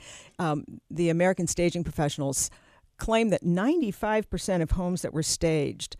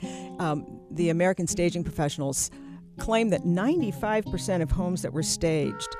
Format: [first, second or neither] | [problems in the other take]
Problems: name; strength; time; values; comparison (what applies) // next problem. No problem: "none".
first | background music; noticeable; throughout; 15 dB below the speech